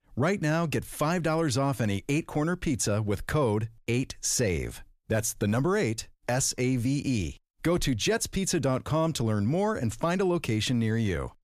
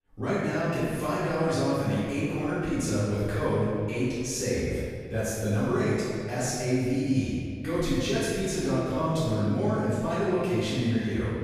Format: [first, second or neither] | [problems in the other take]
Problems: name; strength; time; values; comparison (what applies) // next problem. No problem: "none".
first | off-mic speech; far // room echo; strong; dies away in 1.9 s